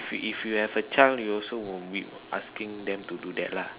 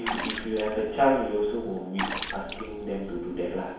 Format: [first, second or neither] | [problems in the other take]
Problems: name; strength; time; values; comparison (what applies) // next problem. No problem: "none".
first | background sound (Water / Splash, splatter); 8 dB below the speech // room echo; dies away in 1 s